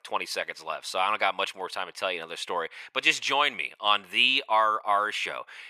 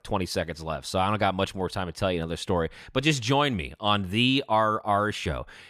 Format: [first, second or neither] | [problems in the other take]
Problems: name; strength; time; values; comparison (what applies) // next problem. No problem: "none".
second | thin; very; fading below 600 Hz